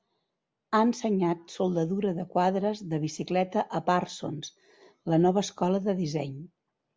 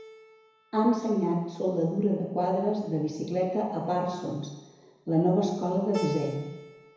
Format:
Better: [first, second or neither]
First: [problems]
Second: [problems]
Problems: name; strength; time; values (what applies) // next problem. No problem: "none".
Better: first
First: none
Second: background sound (Keyboard (musical)); 17 dB below the speech // room echo; dies away in 1 s